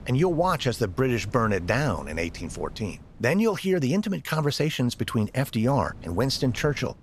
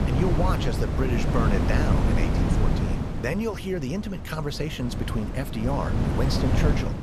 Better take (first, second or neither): first